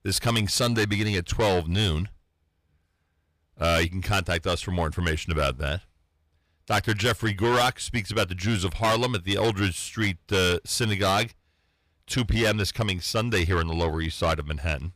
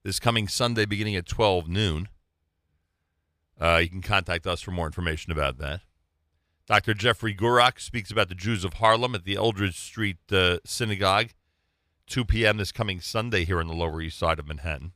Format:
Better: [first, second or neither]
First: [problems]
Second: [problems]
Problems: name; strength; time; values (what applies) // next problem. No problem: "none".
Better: second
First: distortion; heavy; 6 dB below the speech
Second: none